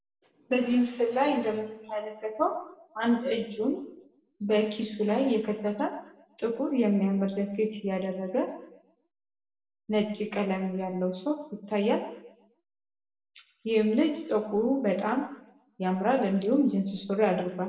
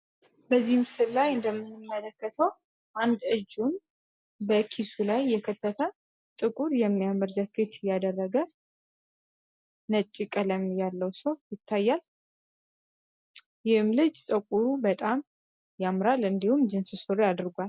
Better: second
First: room echo; dies away in 0.7 s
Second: none

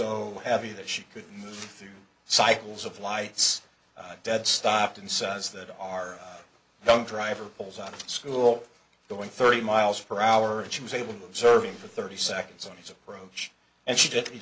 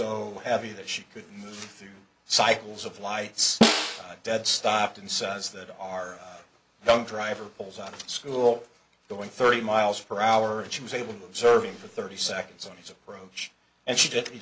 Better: first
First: none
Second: background sound (Snare drum); 2 dB above the speech

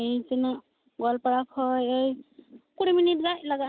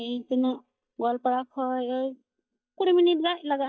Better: first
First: none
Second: noise reduction (neural mask model DeepFilterNet 3)

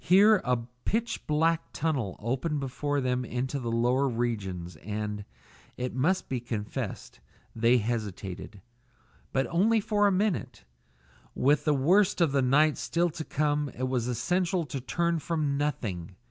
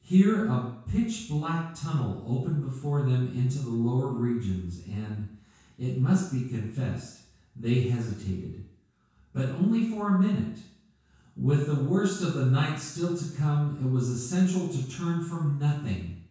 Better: first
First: none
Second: room echo; dies away in 0.6 s

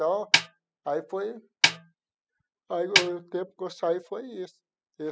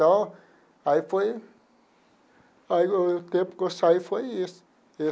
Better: second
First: noise reduction (classical method spectral subtraction)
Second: none

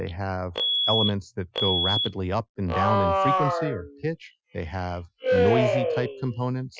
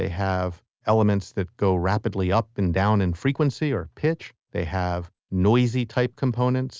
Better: second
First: noise reduction (classical method Wiener filter)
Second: none

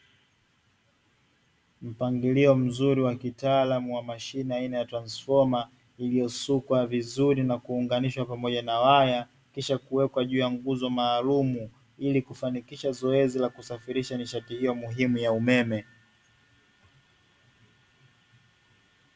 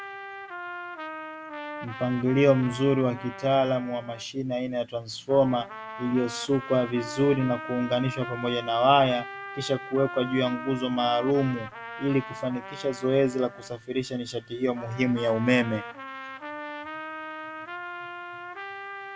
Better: first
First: none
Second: background sound (Trumpet); 12 dB below the speech

